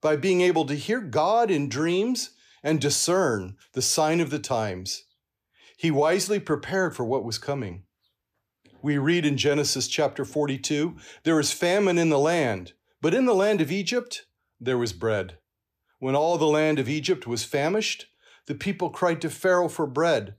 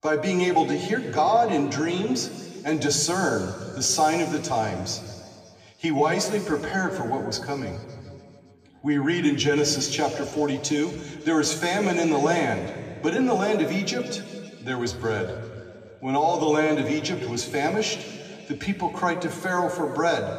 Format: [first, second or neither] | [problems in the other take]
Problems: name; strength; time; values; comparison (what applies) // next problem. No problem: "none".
first | room echo; noticeable; dies away in 2 s // off-mic speech; far